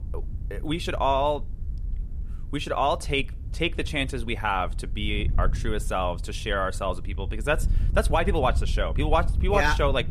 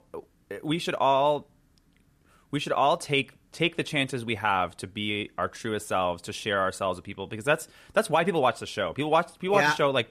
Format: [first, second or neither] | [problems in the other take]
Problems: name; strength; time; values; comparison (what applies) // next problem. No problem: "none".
second | wind noise on the microphone; occasional gusts; 25 dB below the speech